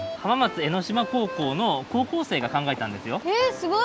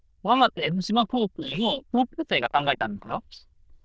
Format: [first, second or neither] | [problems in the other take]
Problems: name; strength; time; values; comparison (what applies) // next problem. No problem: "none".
first | noise reduction (neural diffusion model UNIVERSE++)